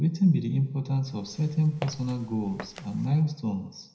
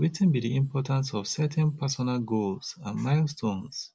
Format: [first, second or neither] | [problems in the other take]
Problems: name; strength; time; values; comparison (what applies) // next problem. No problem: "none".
second | background sound (Walk, footsteps); 17 dB below the speech // room echo; dies away in 0.7 s